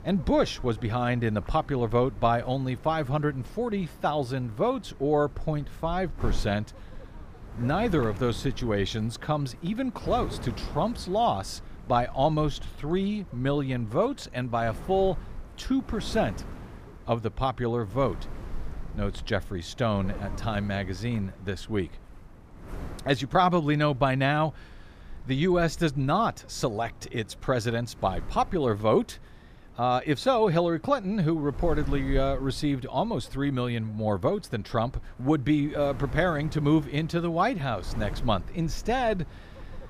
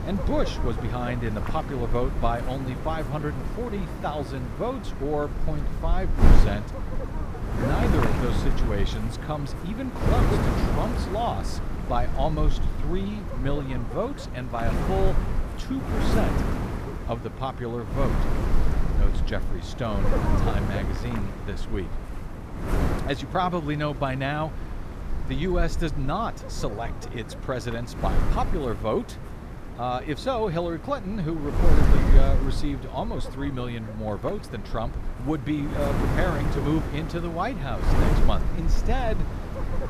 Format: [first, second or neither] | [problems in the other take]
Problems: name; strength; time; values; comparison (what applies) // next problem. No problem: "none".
first | wind noise on the microphone; heavy; 4 dB below the speech; occasional gusts in the first